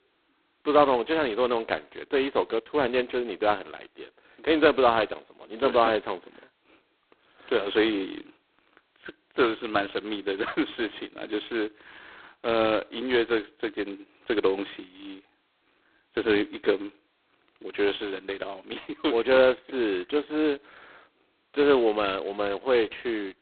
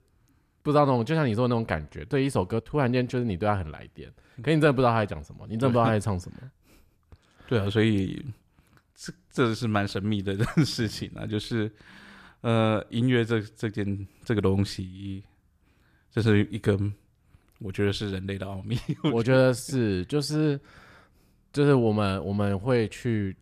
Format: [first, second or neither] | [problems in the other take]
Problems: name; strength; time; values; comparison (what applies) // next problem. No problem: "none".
second | phone-call audio; poor line; nothing above 4 kHz